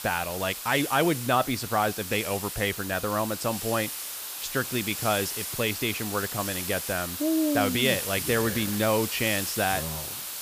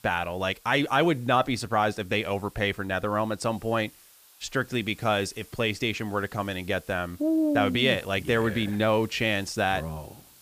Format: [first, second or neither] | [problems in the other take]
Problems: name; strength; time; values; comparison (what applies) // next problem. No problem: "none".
second | hiss; loud; throughout; 5 dB below the speech; faint in the second